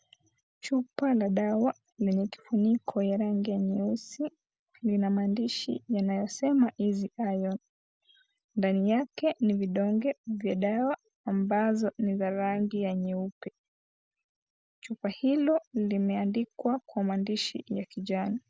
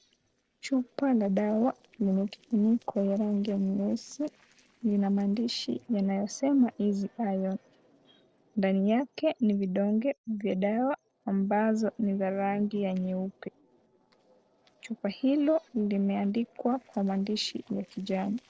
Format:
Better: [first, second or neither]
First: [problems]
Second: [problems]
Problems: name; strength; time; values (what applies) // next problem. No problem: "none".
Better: first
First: none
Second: noise reduction (neural separator model SepFormer DNS4)